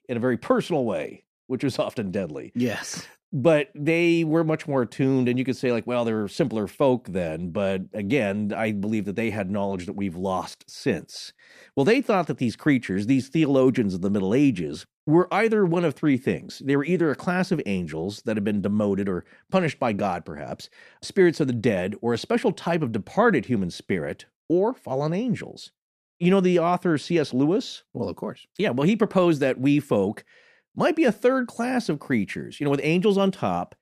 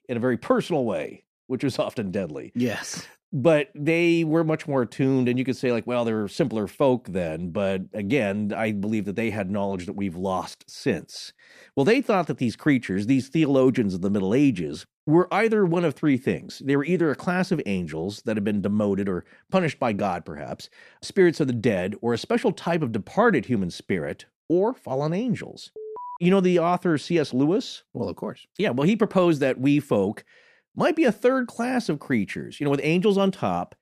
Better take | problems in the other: first | alarm; faint; at 26 s; peak 10 dB below the speech

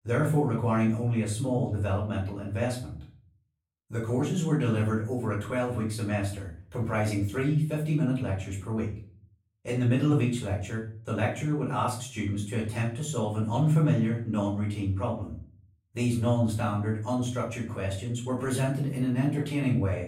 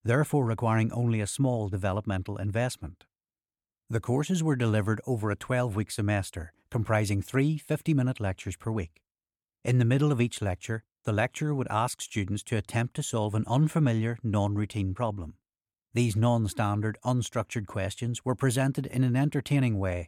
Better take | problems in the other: second | off-mic speech; far // room echo; slight; dies away in 0.4 s

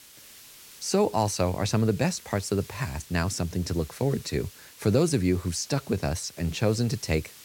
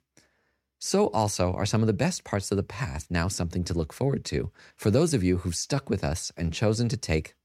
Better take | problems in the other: second | hiss; noticeable; throughout; 20 dB below the speech

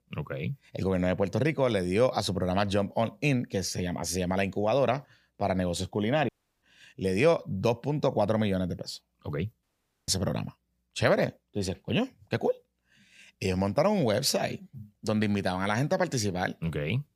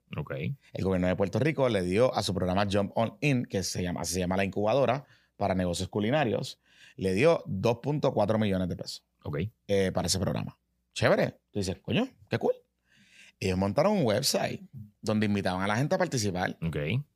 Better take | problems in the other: second | audio cutting out; at 6.5 s and at 9.5 s

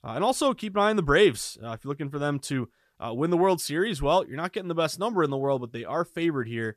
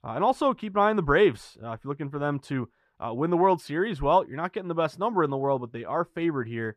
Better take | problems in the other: first | muffled; slightly; fading above 4 kHz

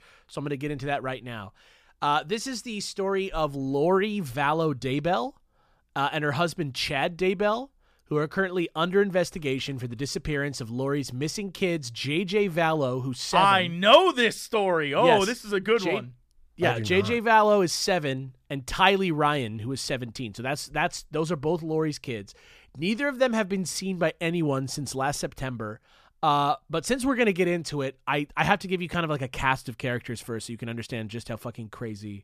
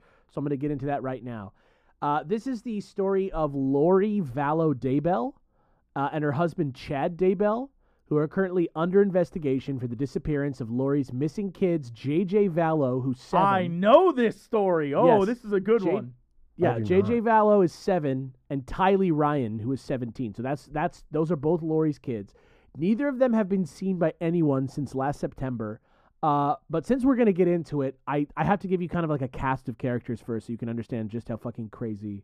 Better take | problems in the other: first | muffled; very; fading above 2 kHz

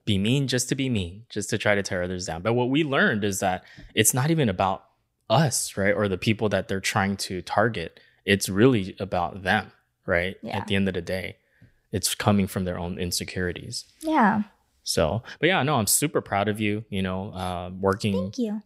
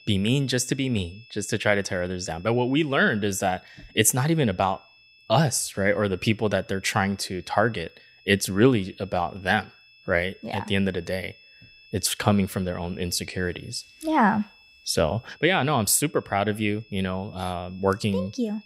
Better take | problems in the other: first | high-pitched whine; faint; throughout; 2.5 kHz, 25 dB below the speech

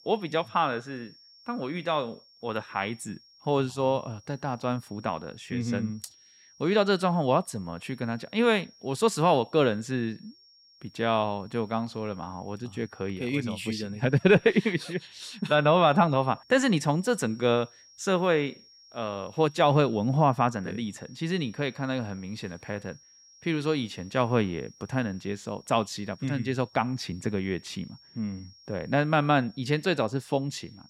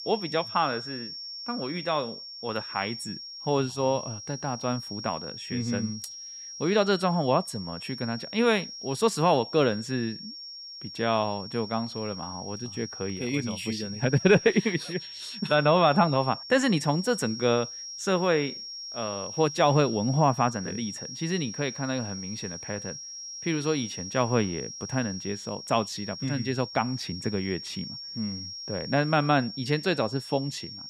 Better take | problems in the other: first | high-pitched whine; loud; throughout; 5.5 kHz, 10 dB below the speech; faint in the first

